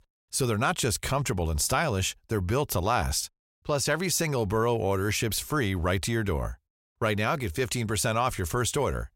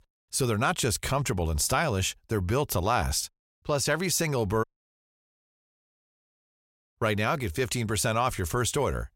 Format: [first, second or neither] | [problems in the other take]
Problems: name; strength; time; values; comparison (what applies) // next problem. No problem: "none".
first | audio cutting out; at 4.5 s for 2.5 s